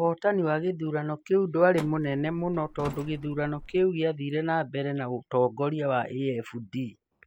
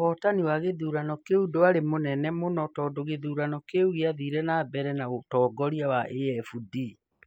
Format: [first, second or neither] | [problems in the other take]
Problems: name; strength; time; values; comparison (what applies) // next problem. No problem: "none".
second | background sound (Truck); 16 dB below the speech